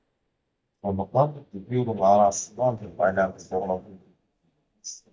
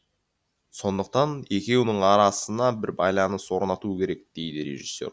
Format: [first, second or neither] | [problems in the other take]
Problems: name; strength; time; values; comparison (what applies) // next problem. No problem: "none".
second | noise reduction (neural mask model DeepFilterNet 3)